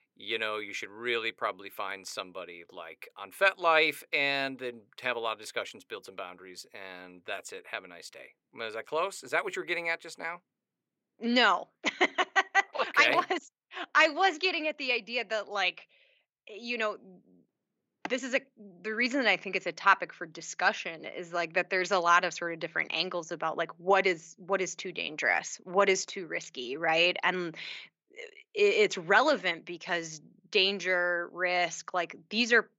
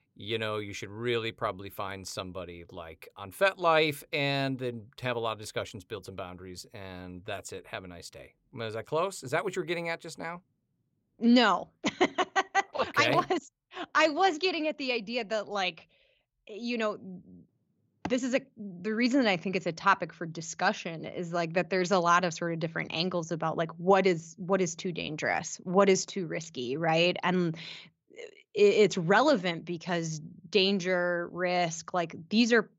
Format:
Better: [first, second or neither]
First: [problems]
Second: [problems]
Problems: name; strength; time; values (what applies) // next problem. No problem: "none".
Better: second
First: thin; somewhat; fading below 300 Hz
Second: none